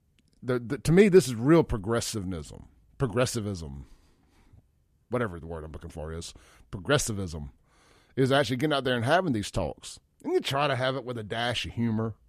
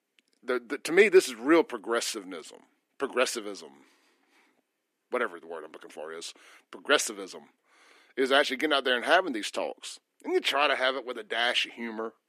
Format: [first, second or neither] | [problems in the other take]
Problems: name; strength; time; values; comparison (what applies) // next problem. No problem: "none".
first | thin; somewhat; fading below 300 Hz